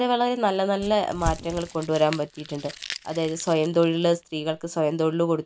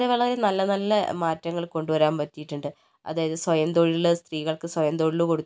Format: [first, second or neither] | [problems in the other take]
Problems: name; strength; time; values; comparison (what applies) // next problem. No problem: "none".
second | background sound (Crumpling, crinkling / Crushing); 13 dB below the speech